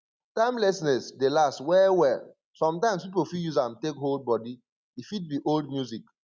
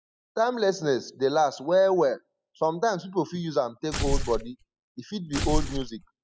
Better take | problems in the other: first | noise reduction (classical method spectral subtraction)

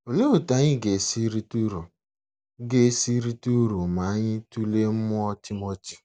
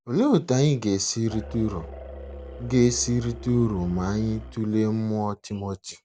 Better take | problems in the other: first | background sound (Musical instrument); 14 dB below the speech

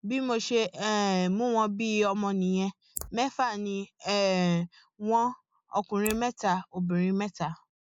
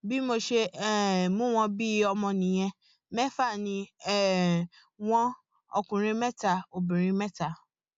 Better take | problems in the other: second | noise reduction (neural mask model Resemble Enhance denoiser)

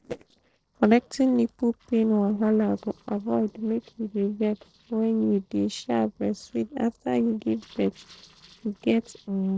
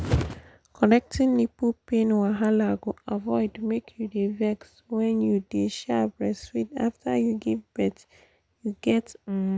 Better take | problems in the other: second | noise reduction (neural separator model SepFormer DNS4)

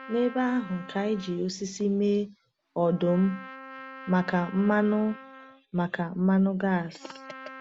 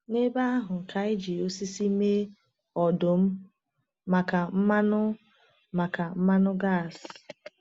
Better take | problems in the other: second | background sound (Trumpet); 18 dB below the speech

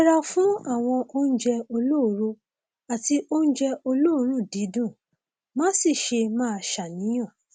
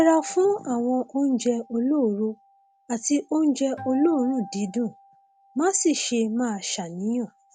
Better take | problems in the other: first | background sound (Acoustic guitar); 20 dB below the speech

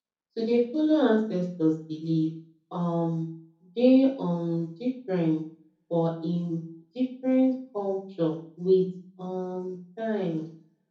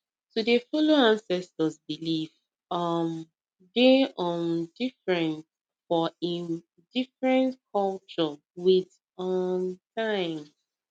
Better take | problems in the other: second | room echo; dies away in 0.6 s

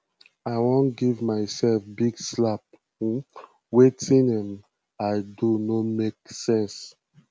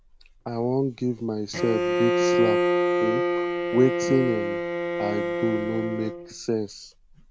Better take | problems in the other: first | background sound (Bowed string instrument); 1 dB above the speech

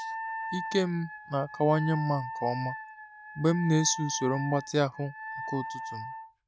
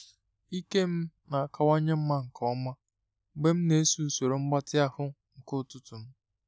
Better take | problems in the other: second | background sound (Wind instrument, woodwind instrument); 8 dB below the speech

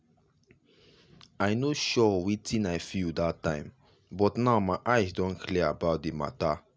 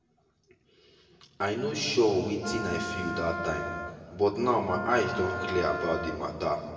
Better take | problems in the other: first | background sound (Wind instrument, woodwind instrument); 7 dB below the speech // room echo; dies away in 2 s

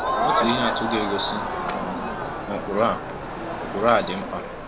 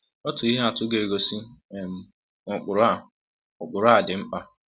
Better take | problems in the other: second | background sound (Crowd); as loud as the speech

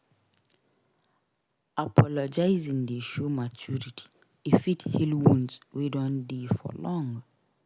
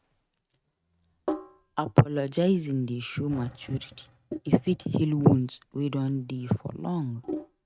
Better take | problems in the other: first | noise reduction (neural mask model RNNoise)

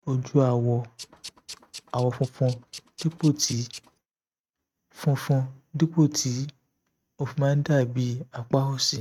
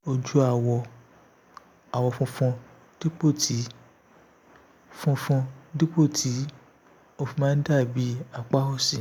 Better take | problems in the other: second | noise reduction (neural mask model RNNoise)

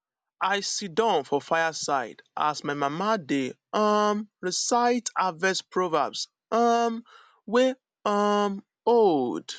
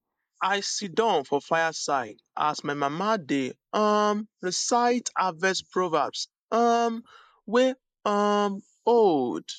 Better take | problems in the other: first | noise reduction (neural mask model Resemble Enhance denoiser)

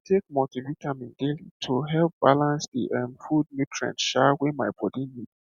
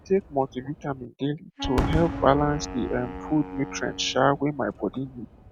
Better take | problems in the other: first | background sound (Fireworks + Wind instrument, woodwind instrument); 8 dB below the speech

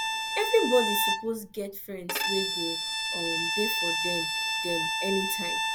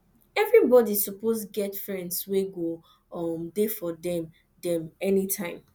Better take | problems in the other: second | background sound (Bowed string instrument); 2 dB above the speech

